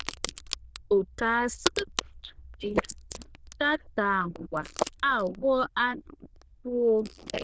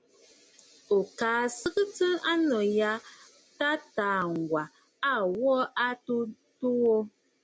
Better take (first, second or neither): second